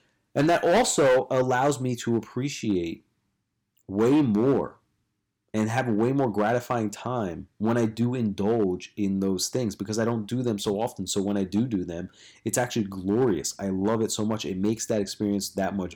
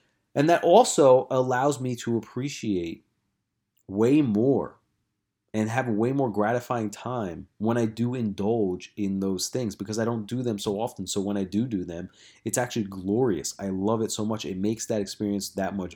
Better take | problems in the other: second | distortion; slight; 4% of the sound clipped

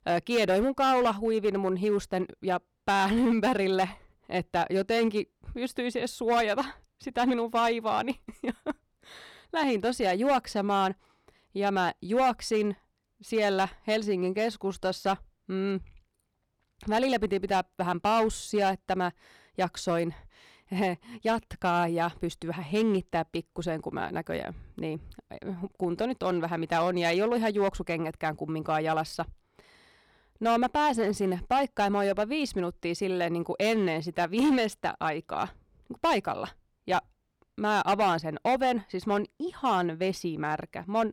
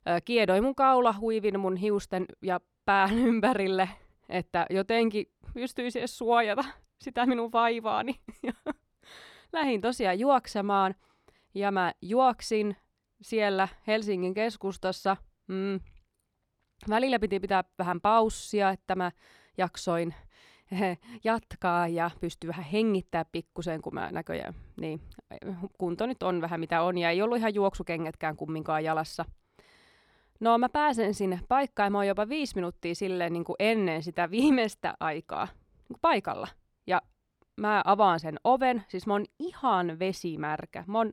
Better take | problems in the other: second | distortion; slight; 5% of the sound clipped

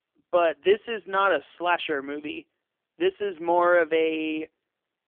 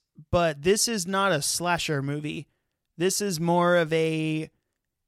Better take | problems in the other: second | phone-call audio; poor line; nothing above 3 kHz

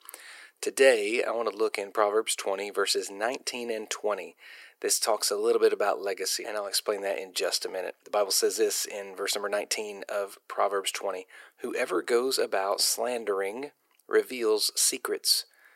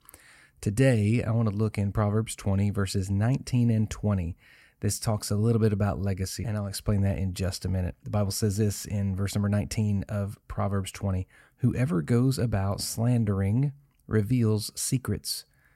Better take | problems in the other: second | thin; very; fading below 350 Hz

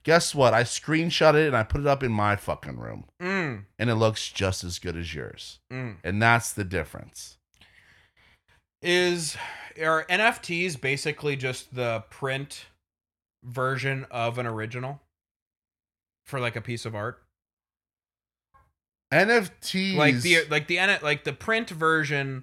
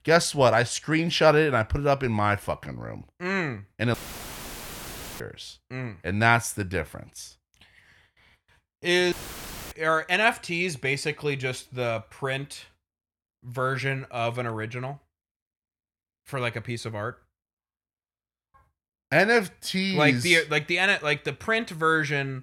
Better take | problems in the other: first | audio cutting out; filled with static; at 4 s for 1.5 s and at 9 s for 0.5 s

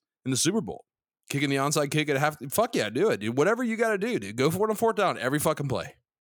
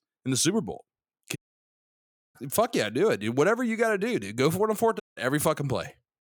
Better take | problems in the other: first | audio cutting out; at 1.5 s for 1 s and at 5 s

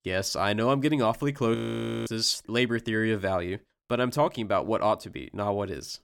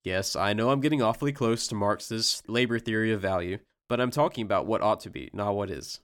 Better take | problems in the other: second | audio freezing; at 1.5 s for 0.5 s

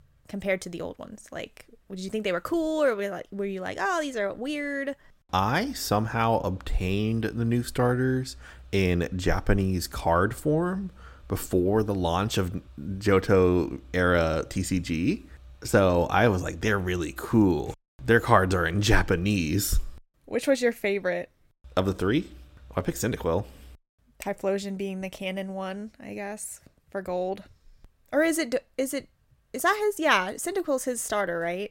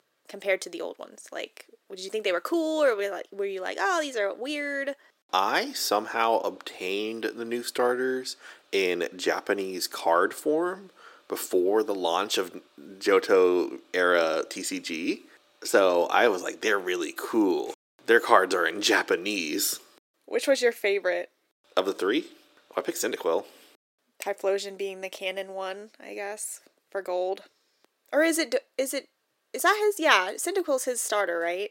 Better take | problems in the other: first | thin; somewhat; fading below 350 Hz

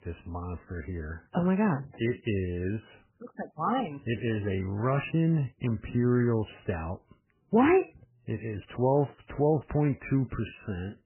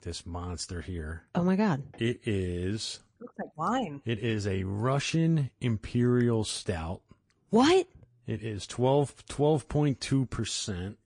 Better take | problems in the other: second | garbled, watery; badly; nothing above 3 kHz; slightly in the second

